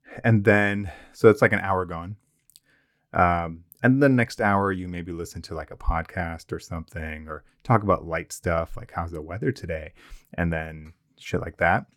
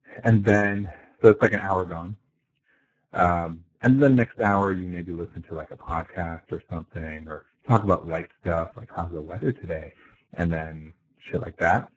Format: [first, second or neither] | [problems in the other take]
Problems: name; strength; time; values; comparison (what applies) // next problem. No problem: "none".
first | garbled, watery; badly